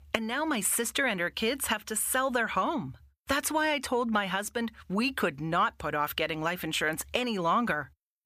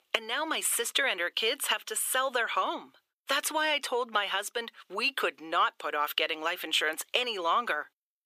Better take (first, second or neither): first